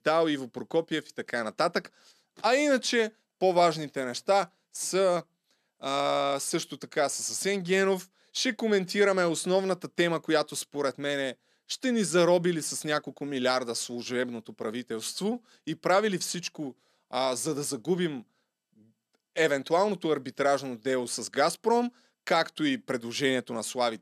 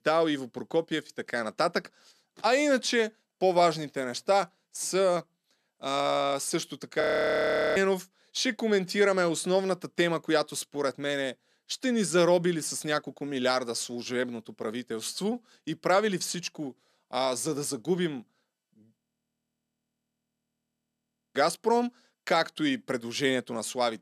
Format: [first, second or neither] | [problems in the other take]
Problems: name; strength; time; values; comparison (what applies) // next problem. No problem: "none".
first | audio freezing; at 7 s for 1 s and at 19 s for 2.5 s